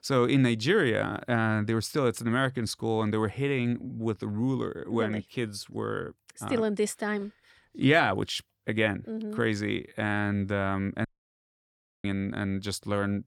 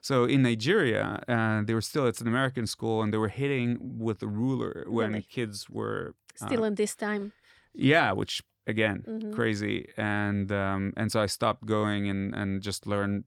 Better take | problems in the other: second | audio cutting out; at 11 s for 1 s

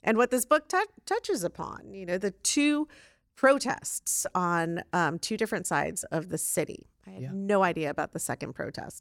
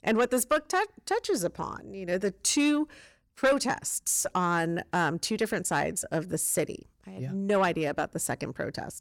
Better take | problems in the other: first | distortion; slight; 10 dB below the speech

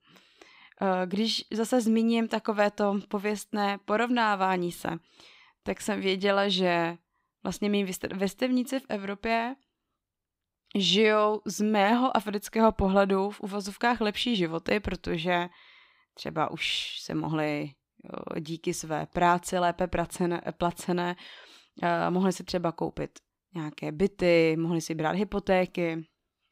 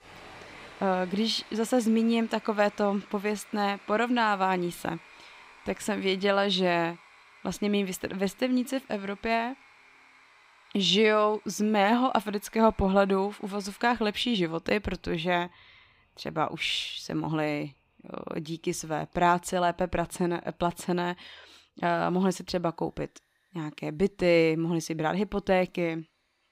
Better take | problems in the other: first | machinery noise; faint; throughout; 25 dB below the speech

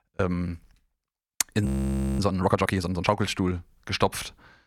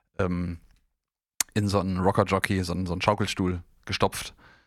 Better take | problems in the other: second | audio freezing; at 1.5 s for 0.5 s

